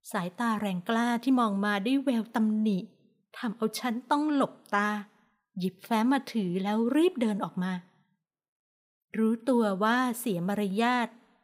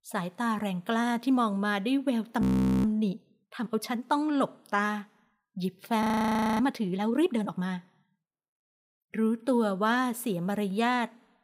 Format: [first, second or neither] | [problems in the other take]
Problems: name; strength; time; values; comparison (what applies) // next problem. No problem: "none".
first | audio freezing; at 2.5 s and at 6 s for 0.5 s